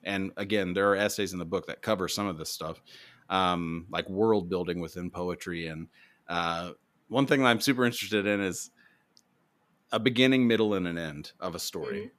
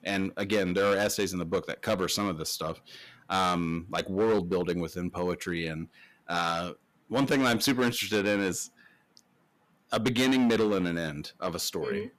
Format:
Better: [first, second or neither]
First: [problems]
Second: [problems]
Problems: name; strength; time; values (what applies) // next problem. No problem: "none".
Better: first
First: none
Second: distortion; heavy; 6% of the sound clipped